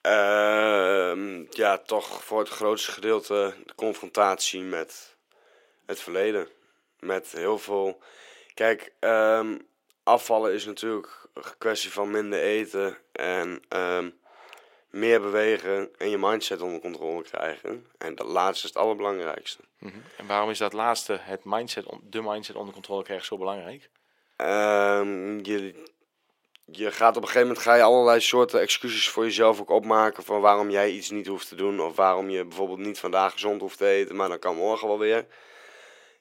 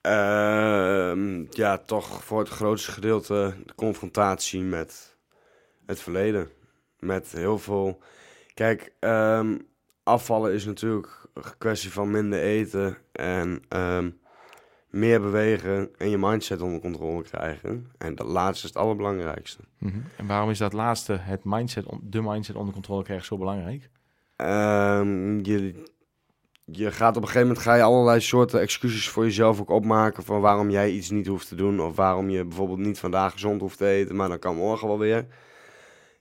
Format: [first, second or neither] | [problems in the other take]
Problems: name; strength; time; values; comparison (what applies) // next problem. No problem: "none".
second | thin; somewhat; fading below 450 Hz